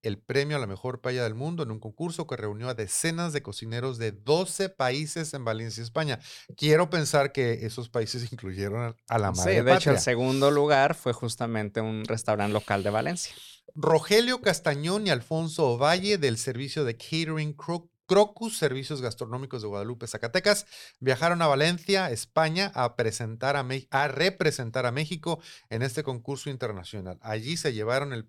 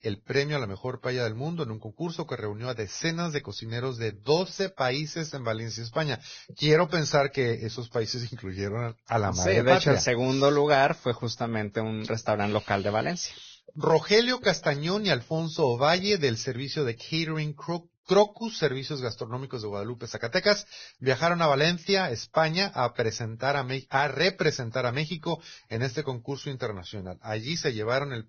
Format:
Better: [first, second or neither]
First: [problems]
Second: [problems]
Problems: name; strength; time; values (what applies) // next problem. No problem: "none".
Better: first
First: none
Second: garbled, watery; badly; nothing above 6.5 kHz